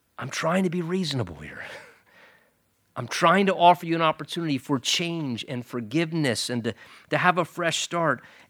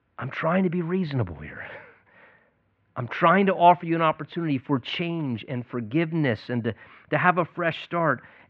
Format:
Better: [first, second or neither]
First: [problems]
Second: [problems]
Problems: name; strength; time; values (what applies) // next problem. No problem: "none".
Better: first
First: none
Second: muffled; very; fading above 2.5 kHz